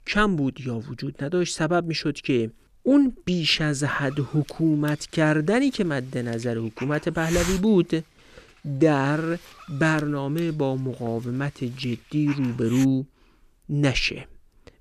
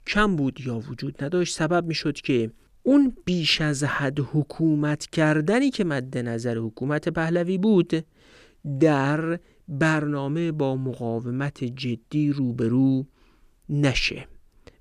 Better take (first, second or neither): second